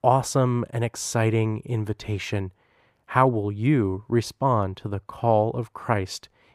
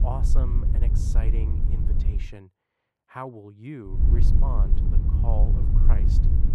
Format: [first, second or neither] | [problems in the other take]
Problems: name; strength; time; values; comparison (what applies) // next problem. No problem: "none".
first | wind noise on the microphone; heavy; until 2 s and from 4 s on; 1 dB below the speech